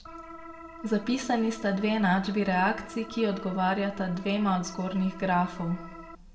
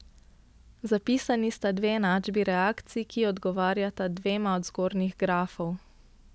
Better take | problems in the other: second | background sound (Organ); 15 dB below the speech // room echo; dies away in 0.6 s

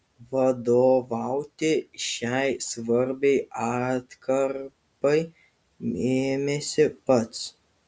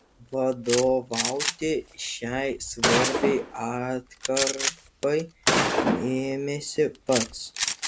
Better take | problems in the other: first | background sound (Gunshot, gunfire); 1 dB below the speech

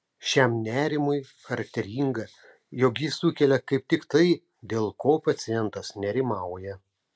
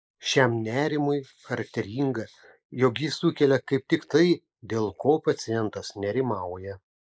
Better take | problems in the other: first | noise reduction (neural mask model Resemble Enhance denoiser)

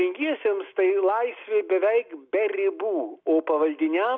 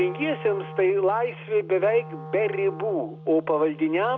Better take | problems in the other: first | background sound (Wind instrument, woodwind instrument); 15 dB below the speech

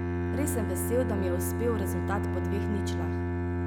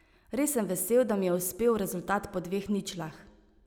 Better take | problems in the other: second | background sound (Bowed string instrument); 5 dB above the speech

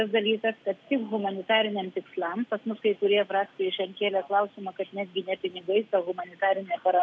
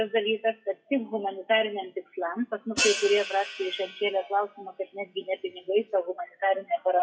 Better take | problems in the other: first | noise reduction (classical method WPE with log-MMSE)

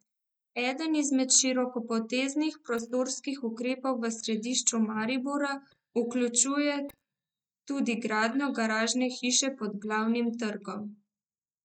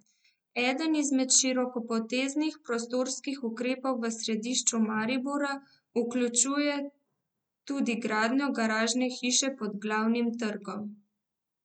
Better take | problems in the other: second | noise reduction (neural mask model DeepFilterNet 3)

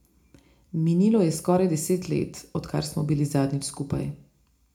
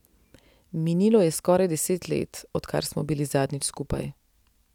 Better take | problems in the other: second | room echo; dies away in 0.4 s

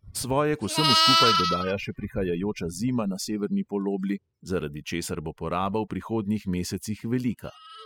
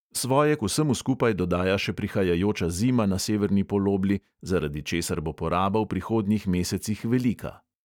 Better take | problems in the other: second | noise reduction (classical method spectral subtraction)

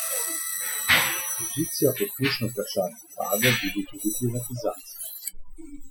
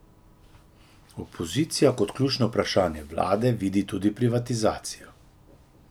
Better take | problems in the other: second | noise reduction (classical method Wiener filter)

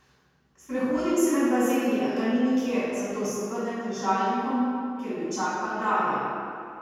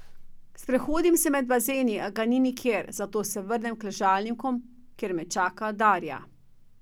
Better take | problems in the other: second | room echo; dies away in 2.1 s

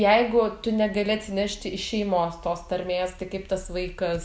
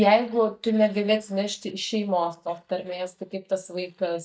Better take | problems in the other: first | noise reduction (neural mask model DeepFilterNet 3)

